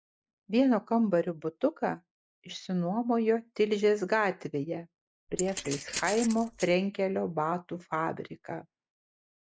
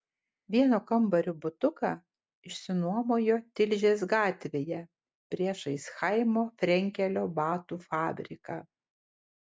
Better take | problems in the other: second | noise reduction (neural mask model Resemble Enhance denoiser)

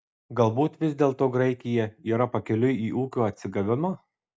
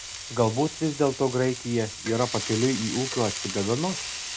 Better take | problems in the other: first | background sound (Frying (food)); 8 dB below the speech

